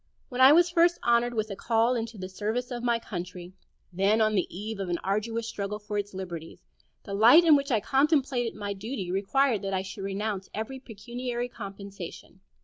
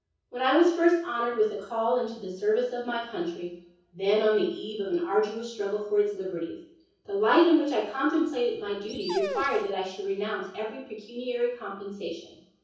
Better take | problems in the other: first | background sound (Dog); 10 dB below the speech // room echo; dies away in 0.6 s

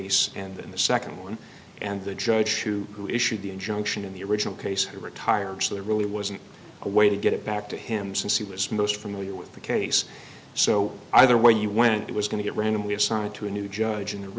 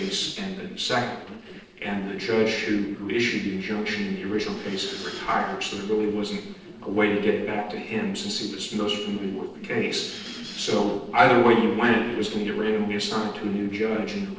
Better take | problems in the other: first | noise reduction (neural separator model SepFormer DNS4)

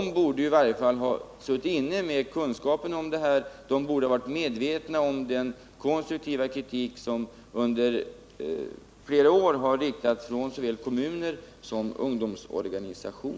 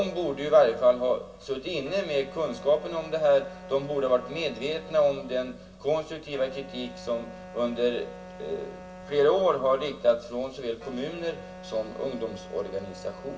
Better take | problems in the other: first | background sound (Wind instrument, woodwind instrument); 17 dB below the speech // room echo; dies away in 0.2 s

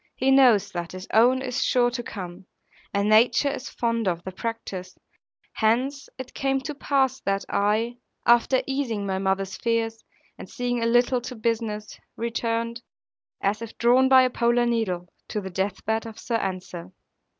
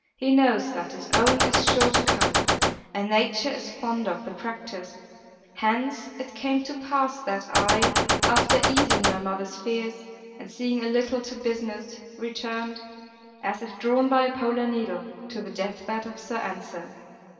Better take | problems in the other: first | background sound (Gunshot, gunfire); 5 dB above the speech // room echo; dies away in 2.4 s

